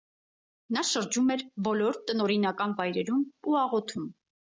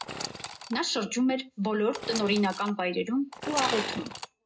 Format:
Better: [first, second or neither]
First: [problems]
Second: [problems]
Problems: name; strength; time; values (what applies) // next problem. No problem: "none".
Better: first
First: none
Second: background sound (Sawing / Engine); 9 dB below the speech // room echo; dies away in 0.2 s